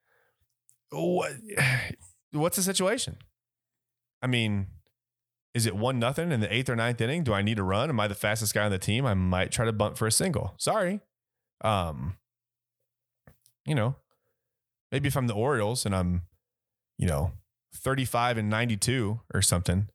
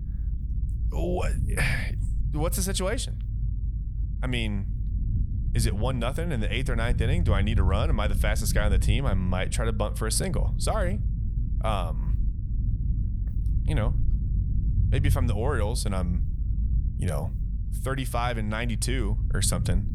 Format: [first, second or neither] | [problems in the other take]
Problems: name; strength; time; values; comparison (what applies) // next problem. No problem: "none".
first | low rumble; noticeable; throughout; 15 dB below the speech